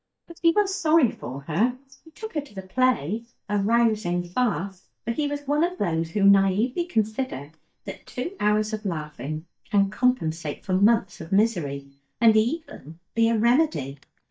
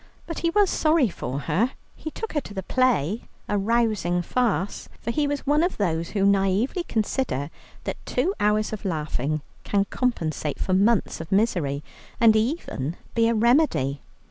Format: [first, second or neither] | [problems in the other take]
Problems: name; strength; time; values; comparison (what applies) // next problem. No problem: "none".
second | noise reduction (neural mask model DeepFilterNet 3)